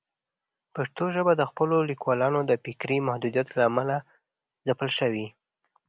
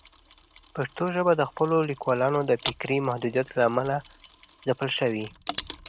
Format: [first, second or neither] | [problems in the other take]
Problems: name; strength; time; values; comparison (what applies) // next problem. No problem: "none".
first | background sound (Mechanisms); 16 dB below the speech